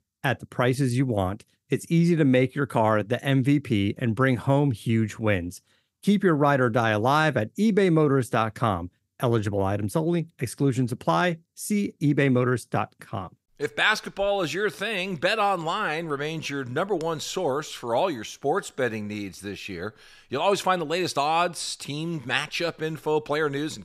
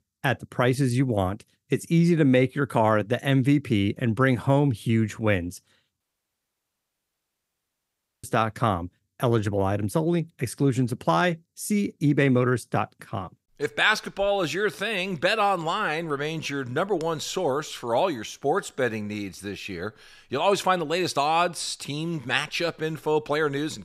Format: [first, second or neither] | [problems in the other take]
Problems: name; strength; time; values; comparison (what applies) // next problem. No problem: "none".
first | audio cutting out; at 6 s for 2 s